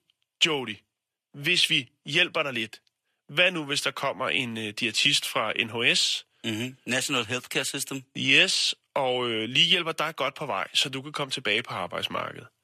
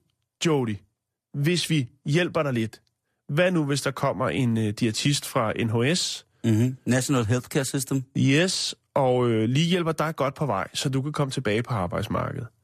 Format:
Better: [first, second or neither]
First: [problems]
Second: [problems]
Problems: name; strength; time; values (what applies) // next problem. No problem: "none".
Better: second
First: thin; somewhat; fading below 1 kHz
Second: none